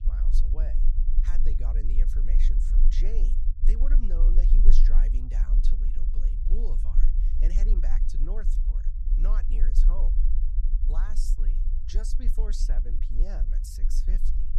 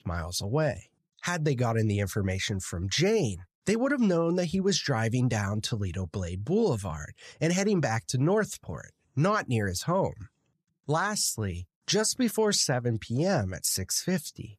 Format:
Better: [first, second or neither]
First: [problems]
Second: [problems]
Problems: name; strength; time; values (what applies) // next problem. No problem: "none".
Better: second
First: low rumble; loud; throughout; 5 dB below the speech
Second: none